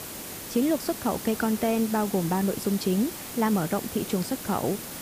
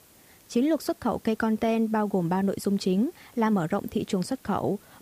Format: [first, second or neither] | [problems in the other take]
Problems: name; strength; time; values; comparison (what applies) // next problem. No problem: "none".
second | hiss; loud; throughout; 8 dB below the speech; faint in the second